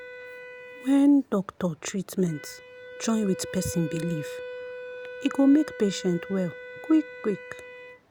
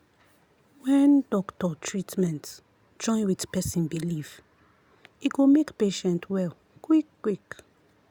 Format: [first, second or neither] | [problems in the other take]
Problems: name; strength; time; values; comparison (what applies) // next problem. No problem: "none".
second | background sound (Wind instrument, woodwind instrument); 14 dB below the speech